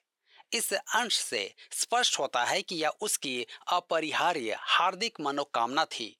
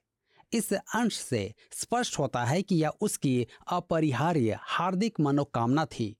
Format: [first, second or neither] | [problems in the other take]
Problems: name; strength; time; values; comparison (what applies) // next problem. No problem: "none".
second | thin; very; fading below 650 Hz